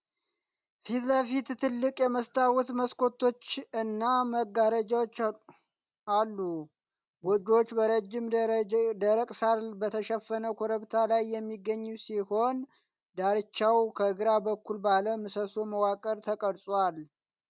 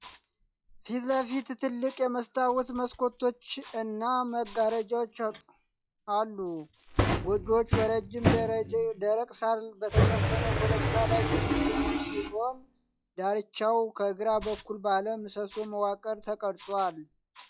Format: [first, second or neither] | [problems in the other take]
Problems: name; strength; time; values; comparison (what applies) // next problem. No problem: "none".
first | noise reduction (classical method log-MMSE)